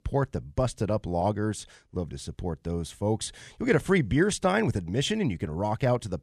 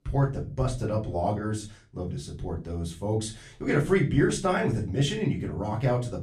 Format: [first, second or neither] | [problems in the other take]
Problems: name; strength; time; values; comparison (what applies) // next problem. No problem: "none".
first | off-mic speech; far // room echo; very slight; dies away in 0.3 s